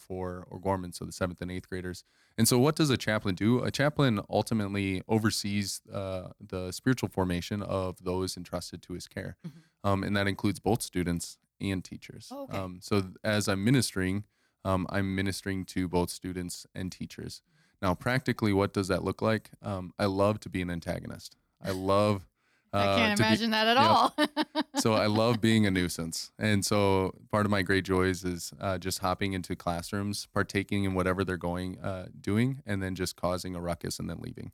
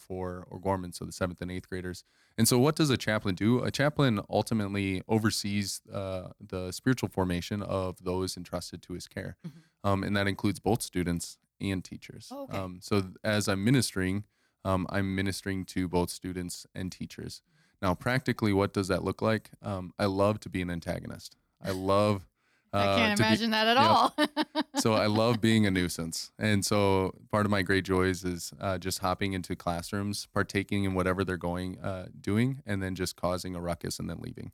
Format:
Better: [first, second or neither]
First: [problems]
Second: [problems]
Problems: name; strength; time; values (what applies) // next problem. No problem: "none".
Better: neither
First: none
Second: none